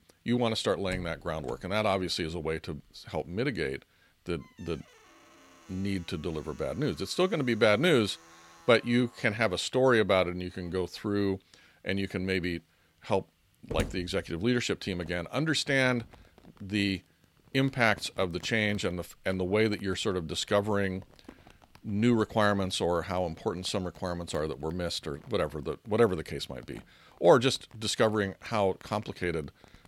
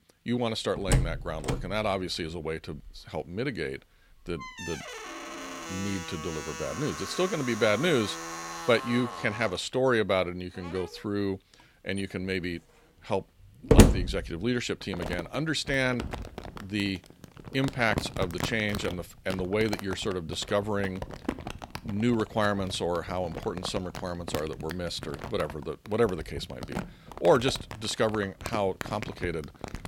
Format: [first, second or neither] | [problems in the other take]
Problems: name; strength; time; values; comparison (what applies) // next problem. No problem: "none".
first | household noises; loud; throughout; 4 dB below the speech; faint in the first